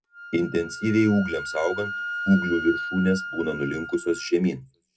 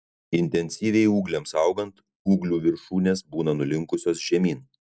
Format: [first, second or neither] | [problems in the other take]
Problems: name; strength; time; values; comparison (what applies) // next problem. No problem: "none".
second | background sound (Wind instrument, woodwind instrument); 9 dB below the speech // room echo; dies away in 0.2 s